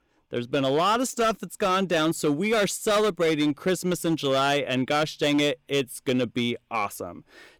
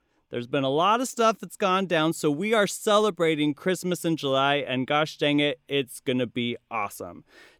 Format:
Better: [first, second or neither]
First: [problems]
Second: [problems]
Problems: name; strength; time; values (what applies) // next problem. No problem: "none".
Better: second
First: distortion; slight; 9% of the sound clipped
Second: none